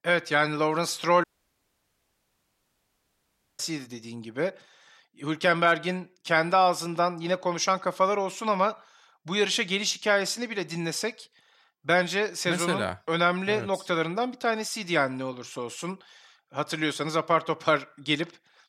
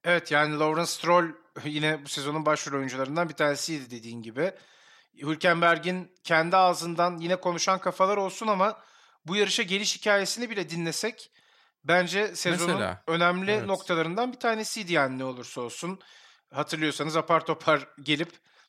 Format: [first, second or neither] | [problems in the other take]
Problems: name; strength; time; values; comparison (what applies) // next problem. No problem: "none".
second | audio cutting out; at 1 s for 2.5 s